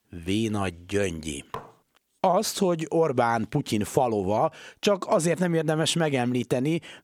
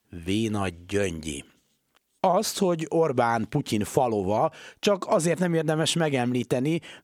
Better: second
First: clattering dishes; faint; at 1.5 s; peak 15 dB below the speech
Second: none

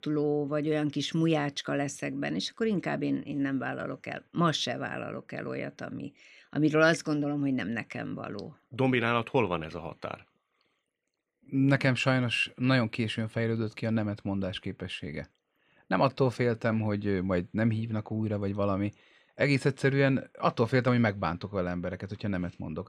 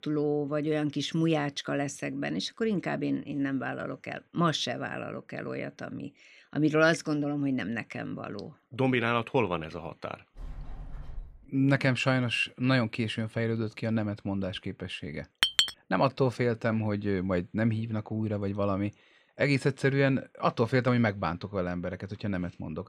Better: first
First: none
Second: door banging; faint; from 10 to 11 s; peak 15 dB below the speech // clattering dishes; loud; at 15 s; peak 5 dB above the speech

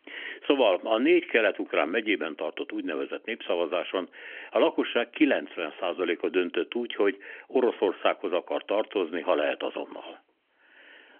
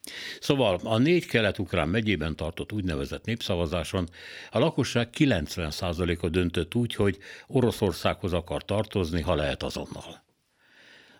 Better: second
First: phone-call audio; nothing above 3.5 kHz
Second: none

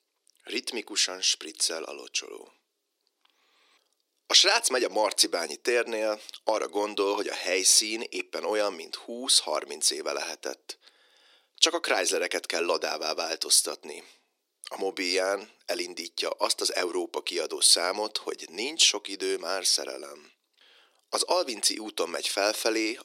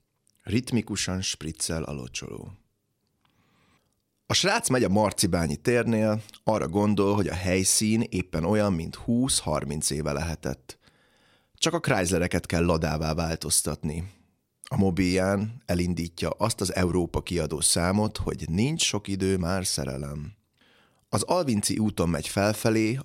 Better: second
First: thin; very; fading below 350 Hz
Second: none

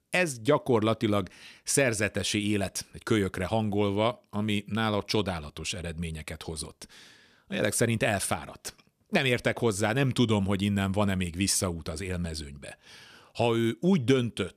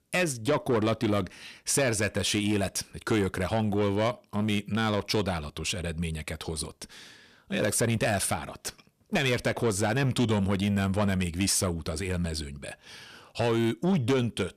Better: first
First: none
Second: distortion; slight; 10 dB below the speech

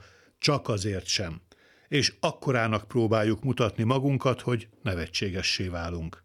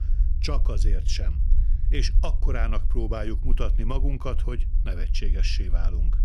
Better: first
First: none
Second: low rumble; noticeable; throughout; 15 dB below the speech

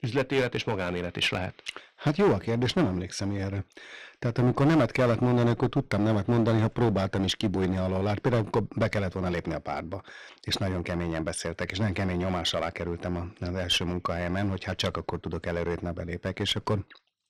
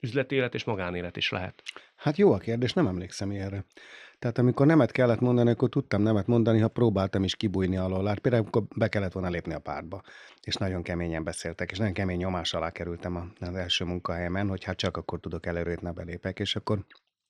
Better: second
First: distortion; heavy; 8% of the sound clipped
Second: none

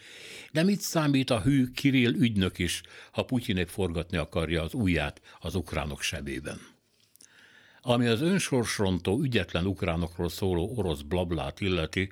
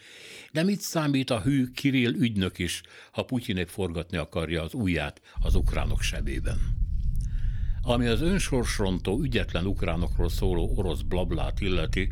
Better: first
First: none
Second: low rumble; faint; from 5.5 s on; 20 dB below the speech

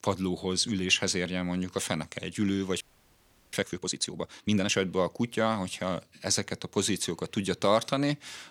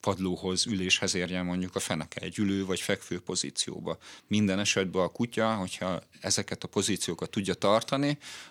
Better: second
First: audio freezing; at 3 s for 0.5 s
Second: none

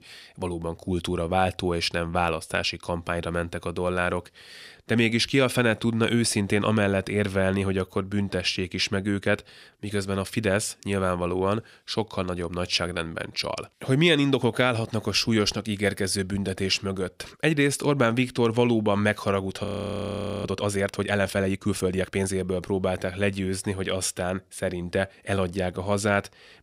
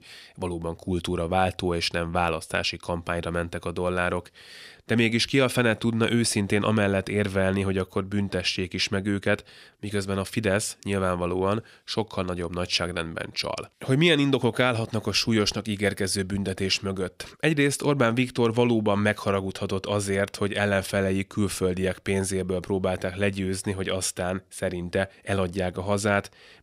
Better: second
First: audio freezing; at 20 s for 1 s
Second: none

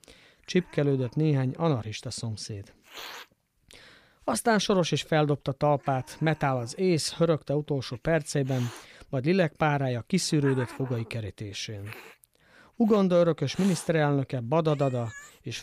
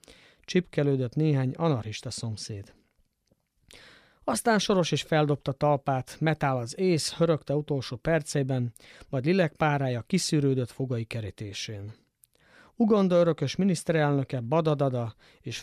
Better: second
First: hiss; noticeable; throughout; 20 dB below the speech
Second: none

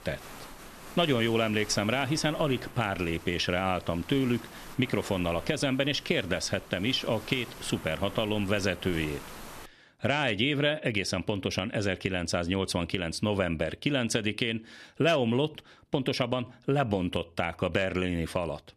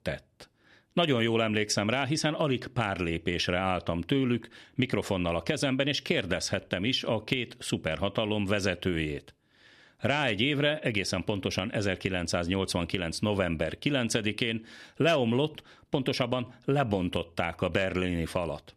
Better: second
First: hiss; noticeable; until 9.5 s; 15 dB below the speech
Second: none

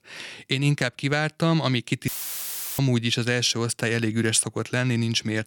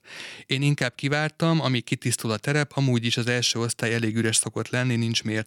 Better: second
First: audio cutting out; filled with static; at 2 s for 0.5 s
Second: none

